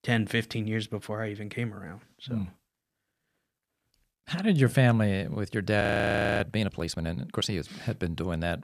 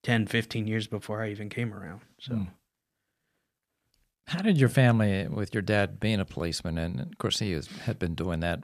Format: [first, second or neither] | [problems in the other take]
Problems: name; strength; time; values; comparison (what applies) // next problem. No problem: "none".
second | audio freezing; at 6 s for 0.5 s